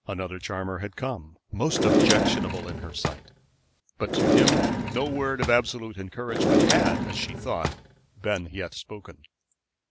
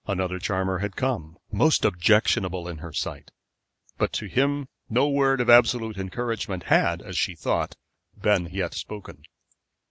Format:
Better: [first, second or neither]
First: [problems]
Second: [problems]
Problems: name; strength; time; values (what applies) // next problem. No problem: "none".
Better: second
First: background sound (Drawer open or close); 5 dB above the speech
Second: none